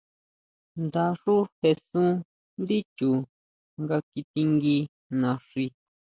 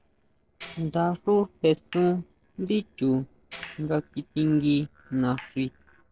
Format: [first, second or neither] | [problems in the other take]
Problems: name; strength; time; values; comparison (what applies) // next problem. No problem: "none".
first | noise reduction (neural separator model SepFormer DNS4)